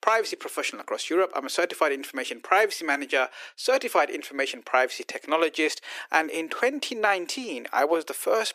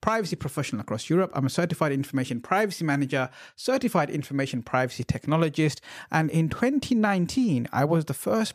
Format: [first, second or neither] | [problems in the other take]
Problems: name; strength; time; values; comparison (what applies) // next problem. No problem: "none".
second | thin; very; fading below 350 Hz